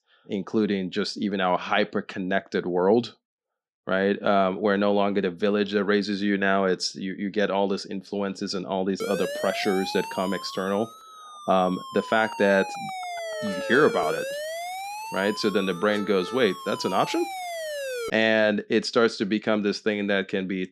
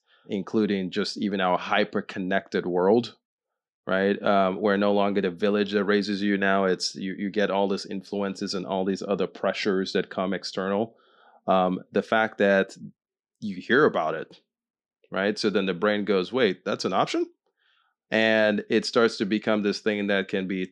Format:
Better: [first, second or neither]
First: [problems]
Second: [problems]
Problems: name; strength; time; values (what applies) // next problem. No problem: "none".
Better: second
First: siren; noticeable; from 9 to 18 s; peak 6 dB below the speech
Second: none